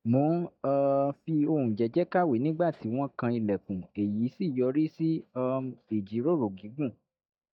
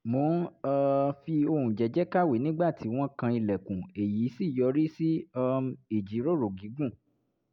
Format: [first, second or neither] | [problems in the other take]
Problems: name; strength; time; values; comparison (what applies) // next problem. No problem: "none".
second | noise reduction (neural mask model DeepFilterNet 3)